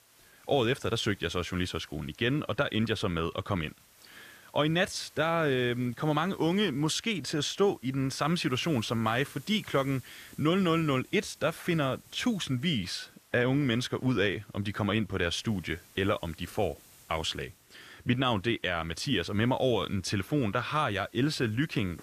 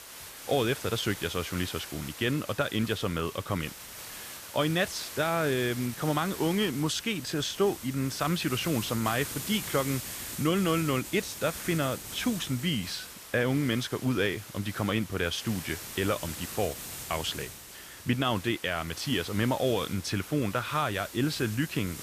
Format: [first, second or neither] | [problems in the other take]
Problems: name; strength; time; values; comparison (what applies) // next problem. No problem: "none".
first | hiss; loud; throughout; 10 dB below the speech; faint in the first